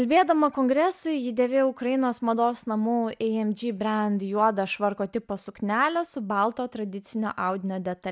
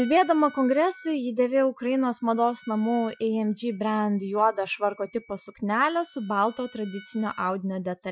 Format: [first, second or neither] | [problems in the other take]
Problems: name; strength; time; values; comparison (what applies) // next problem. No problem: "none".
first | noise reduction (classical method Wiener filter)